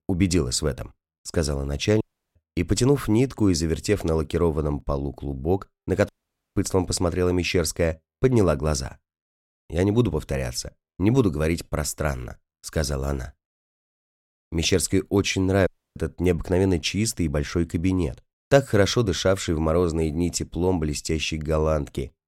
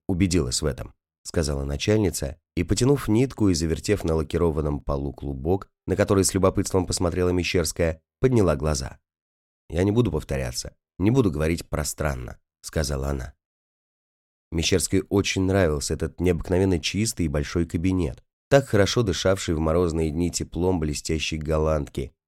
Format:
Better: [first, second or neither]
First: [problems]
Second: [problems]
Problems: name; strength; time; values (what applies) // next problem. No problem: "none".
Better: second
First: audio cutting out; at 2 s, at 6 s and at 16 s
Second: none